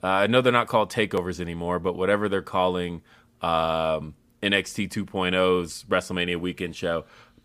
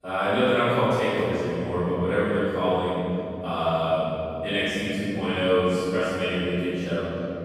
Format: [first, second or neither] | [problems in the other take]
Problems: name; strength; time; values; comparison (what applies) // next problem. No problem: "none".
first | off-mic speech; far // room echo; strong; dies away in 3 s